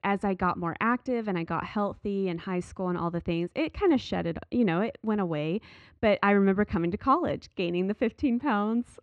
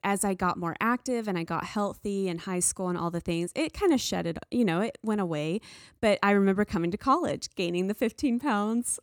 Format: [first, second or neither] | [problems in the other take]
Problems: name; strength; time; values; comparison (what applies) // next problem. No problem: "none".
second | muffled; slightly; fading above 3 kHz